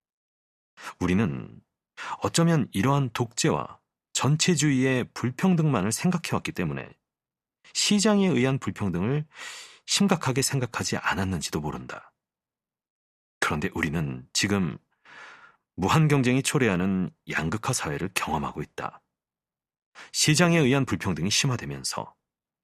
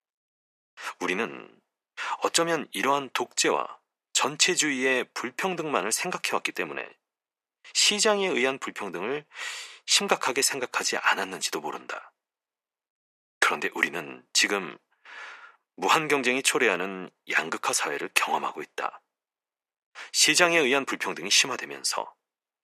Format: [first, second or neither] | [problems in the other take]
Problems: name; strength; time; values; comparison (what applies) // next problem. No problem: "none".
first | thin; very; fading below 400 Hz